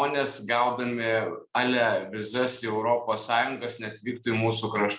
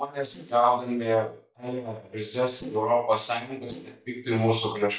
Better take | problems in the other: first | noise reduction (neural mask model DeepFilterNet 3)

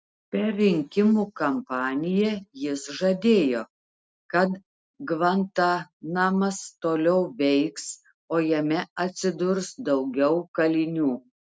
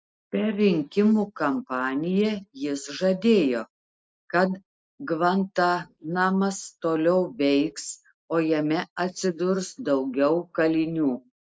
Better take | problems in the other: first | noise reduction (neural mask model Resemble Enhance denoiser)

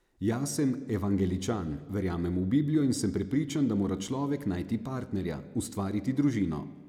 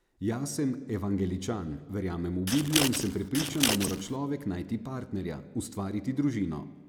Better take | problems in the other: first | background sound (Scissors); as loud as the speech

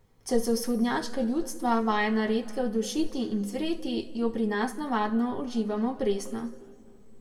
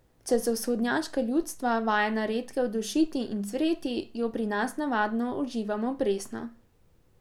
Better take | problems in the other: second | room echo; dies away in 1.3 s

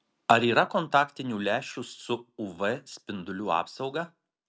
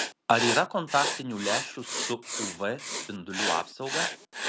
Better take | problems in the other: first | background sound (Writing); 2 dB below the speech

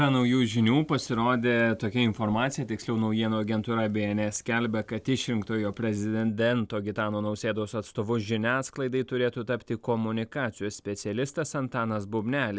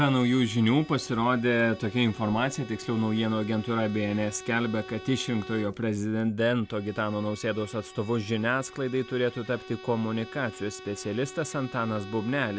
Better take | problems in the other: first | background sound (Bowed string instrument); 17 dB below the speech

